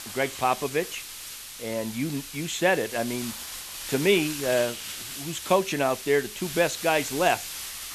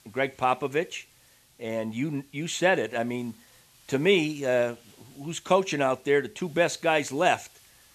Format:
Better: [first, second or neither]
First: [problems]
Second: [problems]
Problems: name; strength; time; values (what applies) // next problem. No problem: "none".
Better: second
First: hiss; loud; throughout; 9 dB below the speech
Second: hiss; faint; throughout; 30 dB below the speech